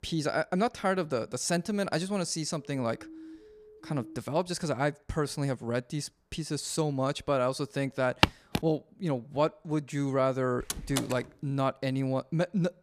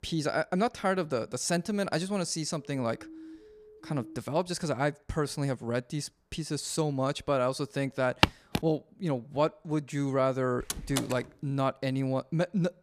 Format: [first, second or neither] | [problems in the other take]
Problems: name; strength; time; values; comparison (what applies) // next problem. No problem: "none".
neither | siren; faint; from 2.5 to 4 s; peak 15 dB below the speech; the same in both // footsteps; very faint; at 8 s; peak 5 dB above the speech; the same in both // door banging; noticeable; at 11 s; peak 3 dB below the speech; the same in both